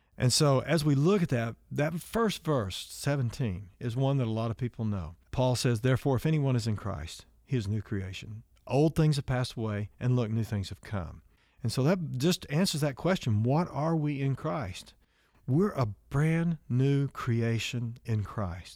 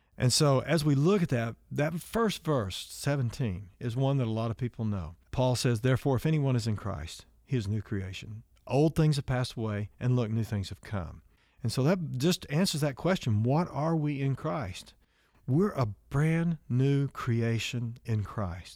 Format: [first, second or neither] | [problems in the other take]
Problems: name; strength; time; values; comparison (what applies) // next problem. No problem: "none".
neither | none